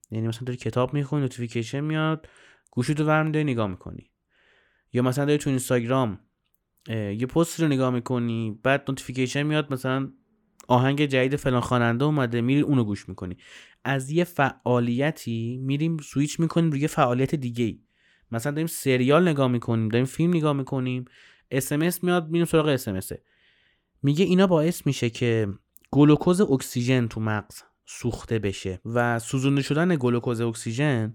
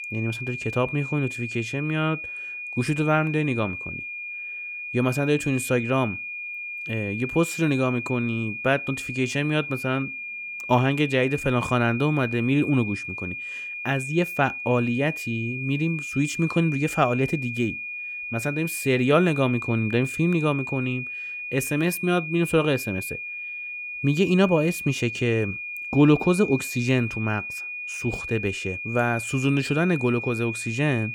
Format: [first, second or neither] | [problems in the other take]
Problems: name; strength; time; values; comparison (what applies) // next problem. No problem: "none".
first | high-pitched whine; loud; throughout; 2.5 kHz, 7 dB below the speech